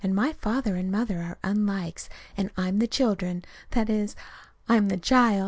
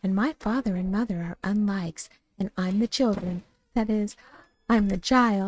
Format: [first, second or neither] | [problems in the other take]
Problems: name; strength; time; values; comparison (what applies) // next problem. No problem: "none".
first | noise reduction (neural mask model RNNoise)